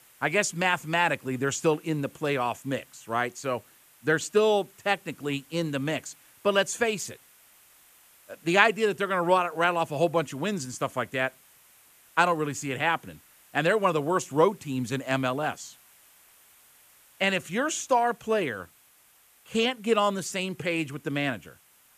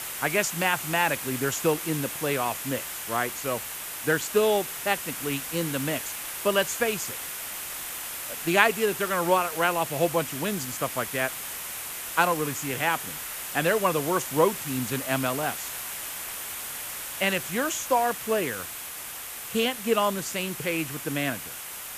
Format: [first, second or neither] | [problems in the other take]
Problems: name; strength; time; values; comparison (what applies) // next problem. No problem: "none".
first | hiss; loud; throughout; 6 dB below the speech; faint in the first